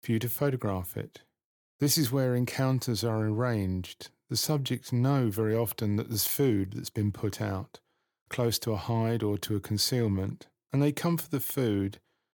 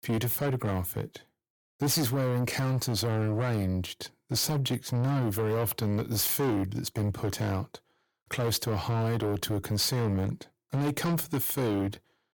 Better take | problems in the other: first | distortion; heavy; 7 dB below the speech

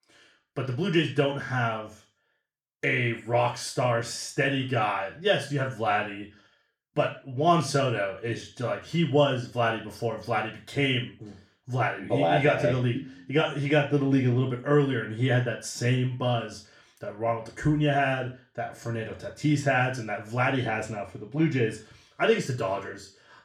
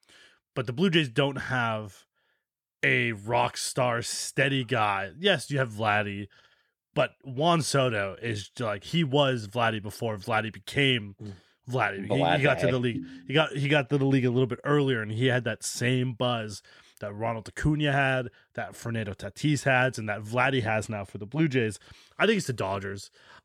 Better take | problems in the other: second | room echo; slight; dies away in 0.4 s // off-mic speech; far

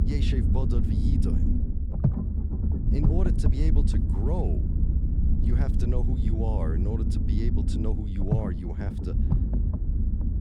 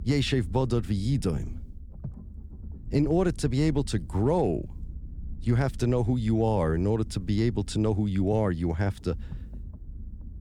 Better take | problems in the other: second | low rumble; loud; throughout; 1 dB below the speech; faint in the second

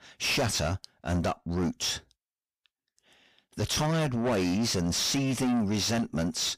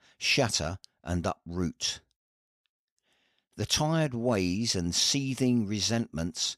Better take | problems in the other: second | distortion; heavy; 5 dB below the speech

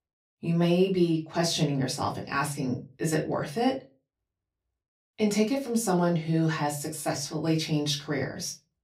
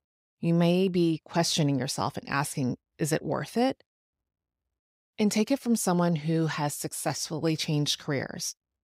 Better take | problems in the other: second | off-mic speech; far // room echo; very slight; dies away in 0.2 s

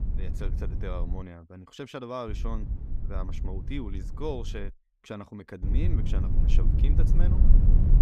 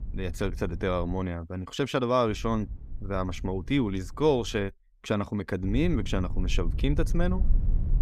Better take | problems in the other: second | low rumble; loud; until 1 s, from 2.5 to 4.5 s and from 5.5 s on; 4 dB below the speech; faint in the second

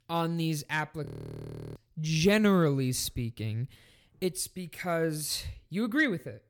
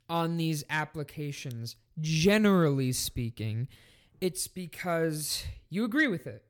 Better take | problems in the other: second | audio freezing; at 1 s for 0.5 s

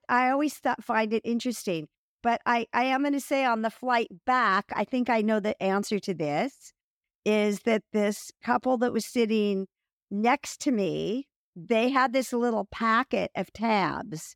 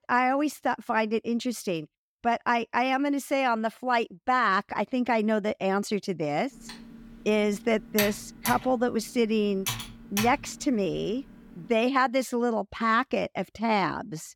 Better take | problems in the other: first | keyboard typing; noticeable; from 6.5 to 11 s; peak 3 dB below the speech

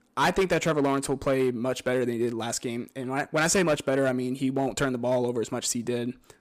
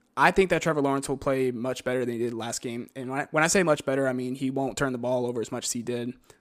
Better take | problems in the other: second | distortion; slight; 5% of the sound clipped

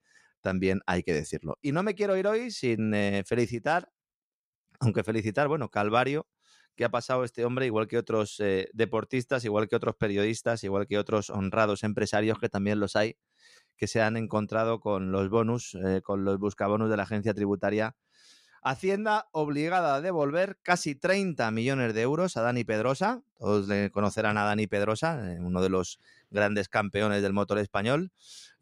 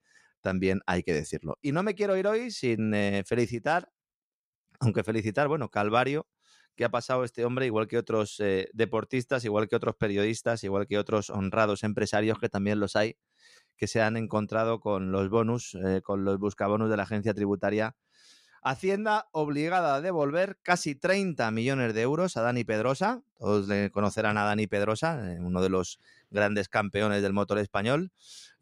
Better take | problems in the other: neither | none

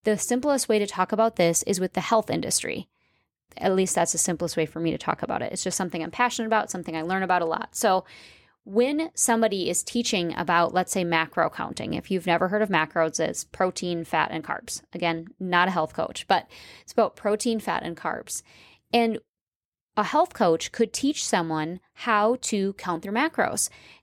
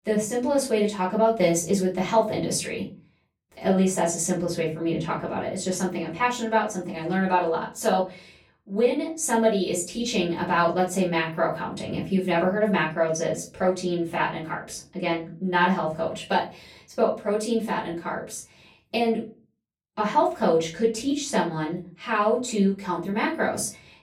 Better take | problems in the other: first | off-mic speech; far // room echo; slight; dies away in 0.3 s

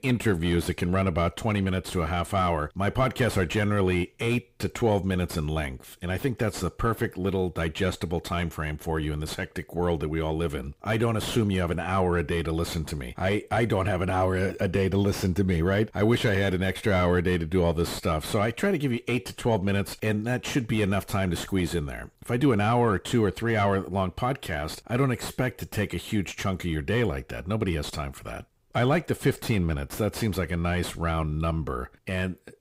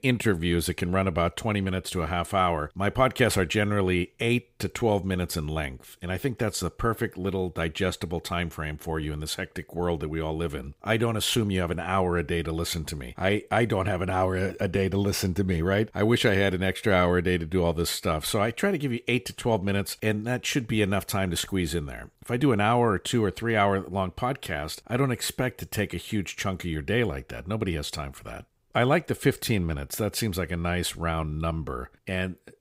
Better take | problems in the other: second | distortion; slight; 10 dB below the speech

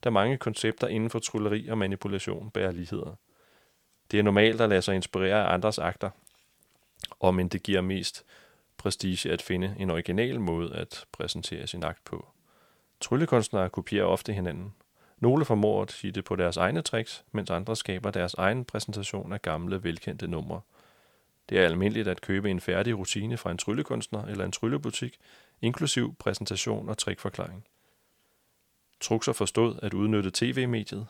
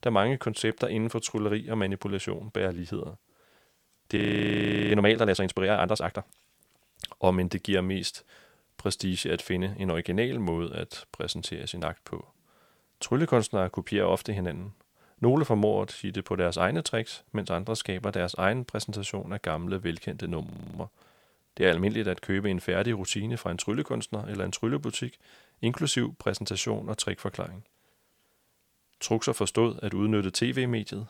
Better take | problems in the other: first | audio freezing; at 4 s for 0.5 s and at 20 s

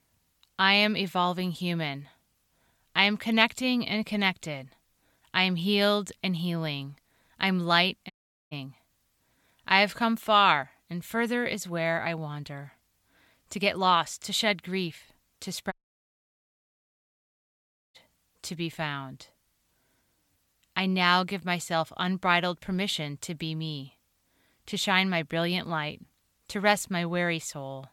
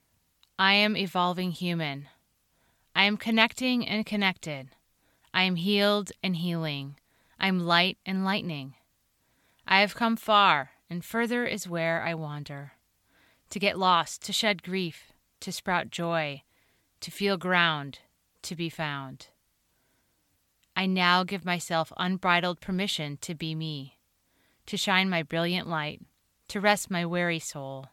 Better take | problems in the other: second | audio cutting out; at 8 s and at 16 s for 2 s

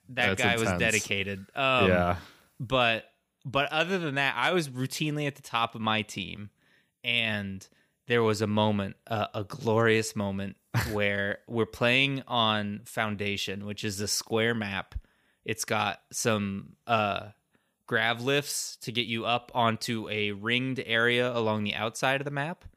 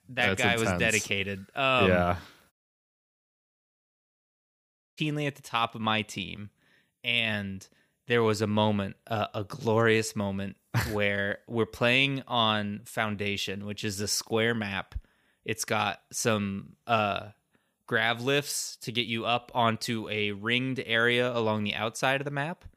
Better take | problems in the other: first | audio cutting out; at 2.5 s for 2.5 s

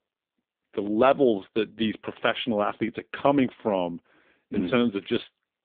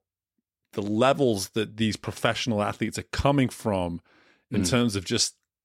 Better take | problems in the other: second | phone-call audio; poor line; nothing above 3.5 kHz

